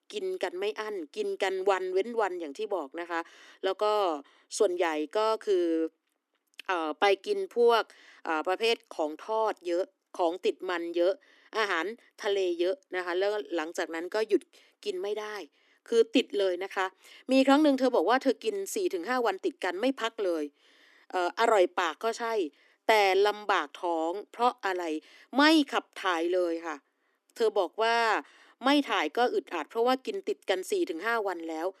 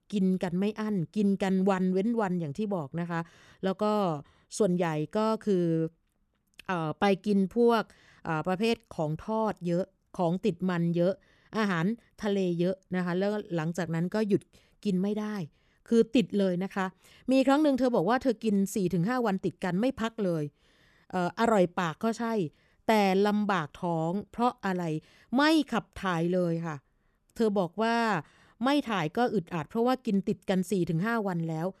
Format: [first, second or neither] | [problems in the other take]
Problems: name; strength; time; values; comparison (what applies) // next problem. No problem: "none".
second | thin; somewhat; fading below 250 Hz